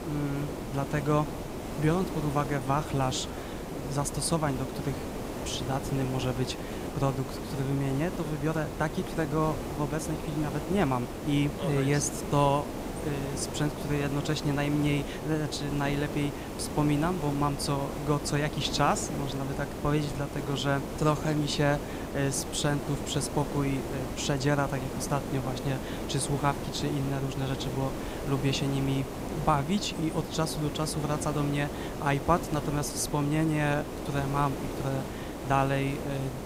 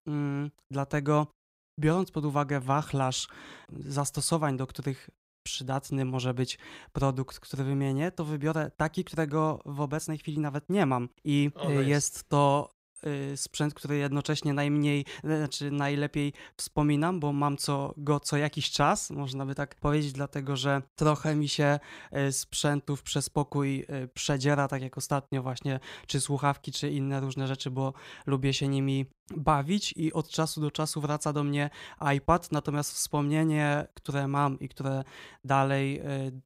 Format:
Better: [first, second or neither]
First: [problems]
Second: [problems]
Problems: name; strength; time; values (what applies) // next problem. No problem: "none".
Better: second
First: hiss; loud; throughout; 6 dB below the speech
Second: none